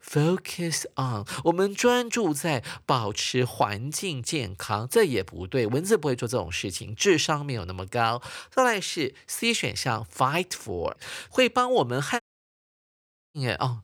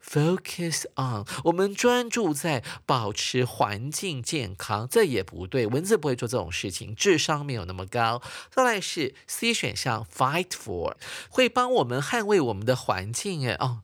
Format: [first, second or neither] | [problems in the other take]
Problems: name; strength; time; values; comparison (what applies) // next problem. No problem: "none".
second | audio cutting out; at 12 s for 1 s